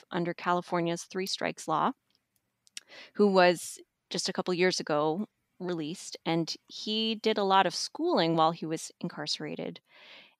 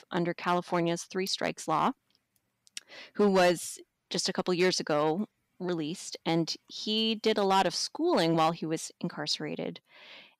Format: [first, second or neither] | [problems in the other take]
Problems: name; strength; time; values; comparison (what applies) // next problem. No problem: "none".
first | distortion; slight; 2% of the sound clipped